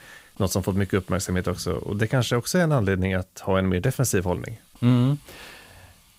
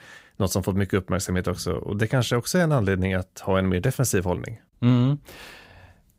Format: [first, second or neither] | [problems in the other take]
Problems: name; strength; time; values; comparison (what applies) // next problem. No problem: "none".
second | hiss; faint; throughout; 30 dB below the speech